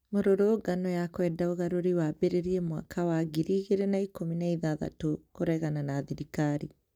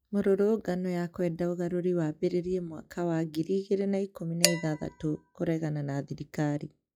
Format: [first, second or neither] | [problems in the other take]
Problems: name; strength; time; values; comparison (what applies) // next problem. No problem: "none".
first | noise reduction (classical method log-MMSE)